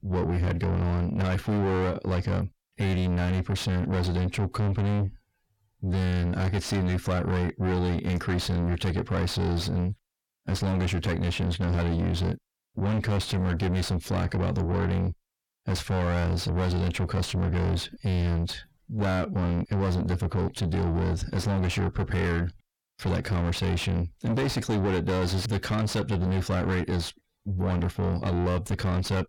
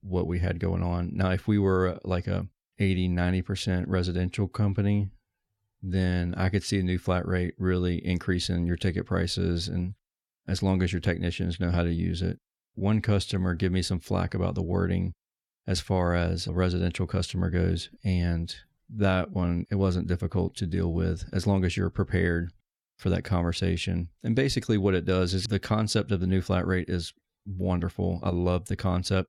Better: second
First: distortion; heavy; 7 dB below the speech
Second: none

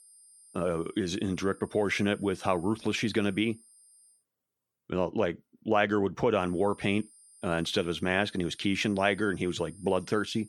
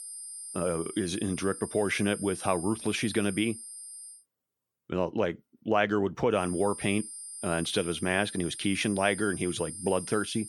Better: first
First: high-pitched whine; faint; until 4 s and from 6.5 s on; 9 kHz, 25 dB below the speech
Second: high-pitched whine; loud; until 4 s and from 6.5 s on; 9 kHz, 10 dB below the speech

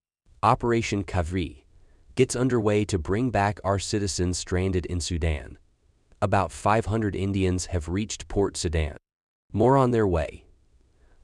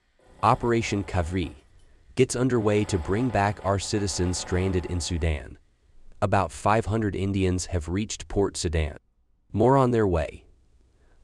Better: first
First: none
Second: machinery noise; noticeable; throughout; 20 dB below the speech

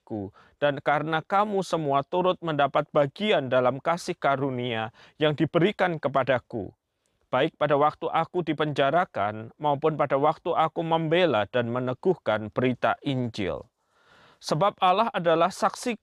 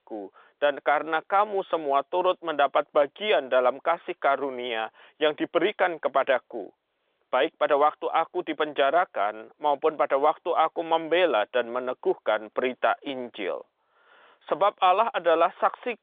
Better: first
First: none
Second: phone-call audio; nothing above 3.5 kHz

